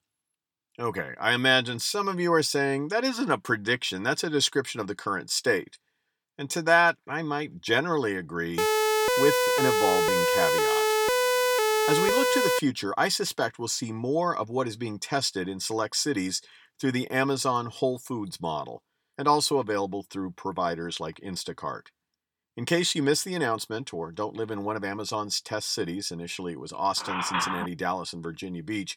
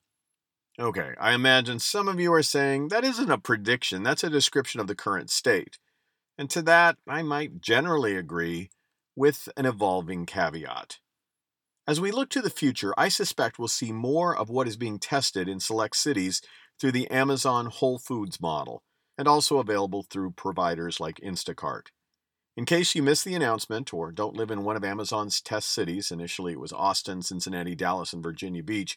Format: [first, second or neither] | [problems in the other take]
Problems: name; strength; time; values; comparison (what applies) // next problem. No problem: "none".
second | siren; loud; from 8.5 to 13 s; peak 5 dB above the speech // phone ringing; noticeable; at 27 s; peak level with the speech